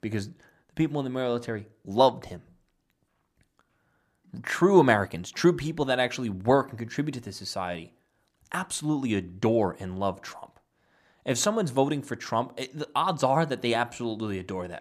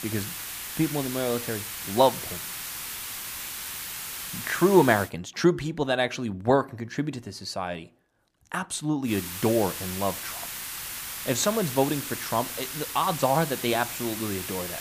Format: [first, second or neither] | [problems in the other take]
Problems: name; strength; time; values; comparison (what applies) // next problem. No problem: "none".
first | hiss; loud; until 5 s and from 9 s on; 6 dB below the speech